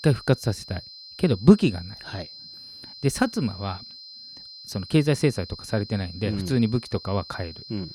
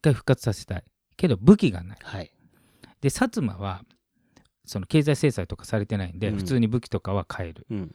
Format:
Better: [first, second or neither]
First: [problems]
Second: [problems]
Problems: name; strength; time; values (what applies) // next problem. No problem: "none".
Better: second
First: high-pitched whine; noticeable; throughout; 4 kHz, 15 dB below the speech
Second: none